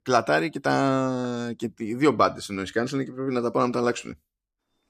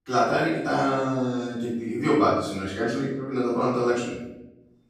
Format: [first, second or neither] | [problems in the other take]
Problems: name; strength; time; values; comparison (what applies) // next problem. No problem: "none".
first | off-mic speech; far // room echo; noticeable; dies away in 0.8 s